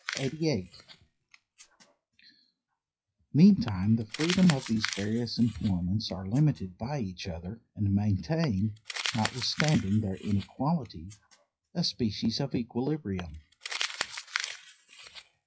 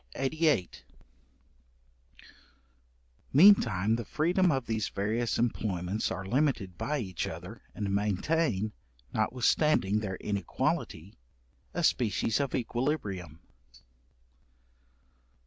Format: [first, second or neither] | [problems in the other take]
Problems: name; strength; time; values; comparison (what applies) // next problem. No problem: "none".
second | noise reduction (classical method WPE with log-MMSE)